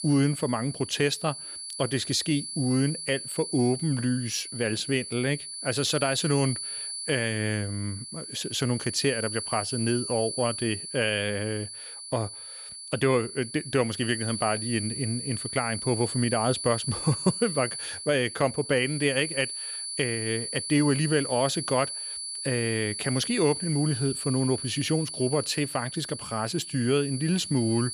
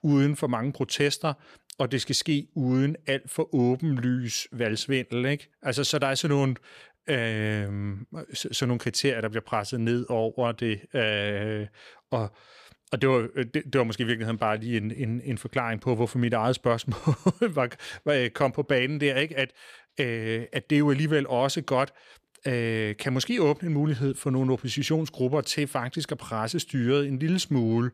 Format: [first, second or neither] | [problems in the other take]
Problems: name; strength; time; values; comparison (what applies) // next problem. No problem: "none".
second | high-pitched whine; loud; throughout; 10 kHz, 6 dB below the speech